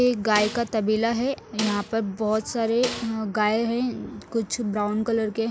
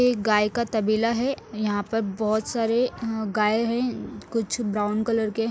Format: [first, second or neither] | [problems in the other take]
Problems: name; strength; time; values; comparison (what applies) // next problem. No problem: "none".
second | background sound (Snare drum); 12 dB below the speech